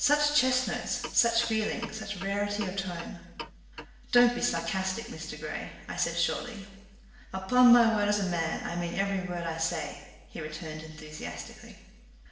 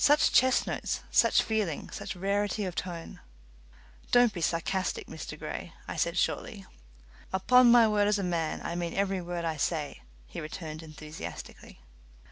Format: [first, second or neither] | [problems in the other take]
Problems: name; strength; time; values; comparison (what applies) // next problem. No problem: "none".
second | background sound (Clock); 14 dB below the speech // room echo; dies away in 0.9 s